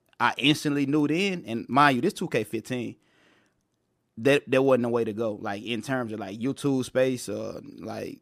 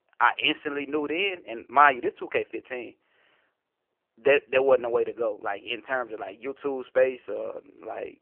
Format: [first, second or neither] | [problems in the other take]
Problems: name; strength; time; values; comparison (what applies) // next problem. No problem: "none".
first | phone-call audio; poor line; nothing above 3 kHz